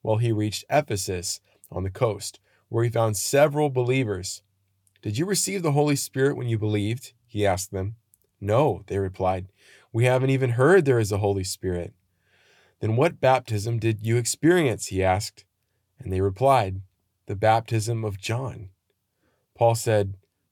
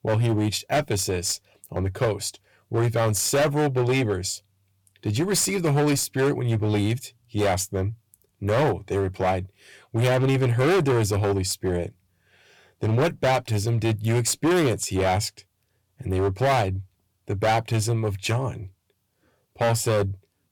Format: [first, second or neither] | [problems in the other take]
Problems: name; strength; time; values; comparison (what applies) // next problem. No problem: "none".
first | distortion; heavy; 14% of the sound clipped